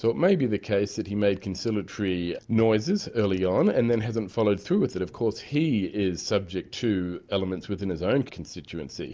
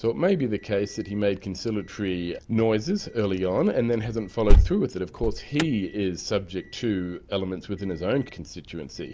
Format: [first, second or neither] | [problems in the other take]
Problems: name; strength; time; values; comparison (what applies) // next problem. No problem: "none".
first | background sound (Alarm); 1 dB below the speech